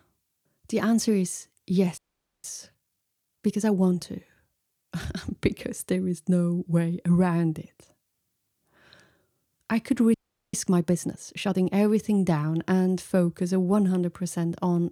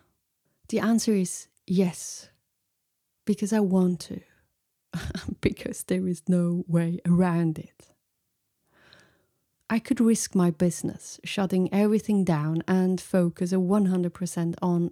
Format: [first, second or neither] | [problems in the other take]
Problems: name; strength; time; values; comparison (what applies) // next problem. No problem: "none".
second | audio freezing; at 2 s and at 10 s